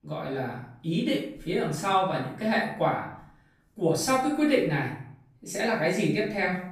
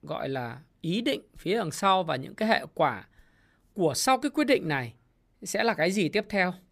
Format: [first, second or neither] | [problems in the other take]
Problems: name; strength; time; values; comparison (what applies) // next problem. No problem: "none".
second | off-mic speech; far // room echo; noticeable; dies away in 0.6 s